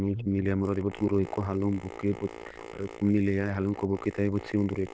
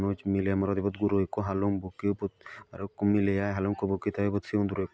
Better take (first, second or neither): second